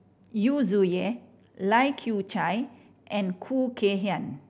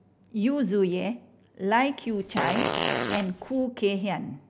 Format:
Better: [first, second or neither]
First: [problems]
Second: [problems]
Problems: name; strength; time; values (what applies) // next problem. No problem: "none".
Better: first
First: none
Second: background sound (Fart); 2 dB below the speech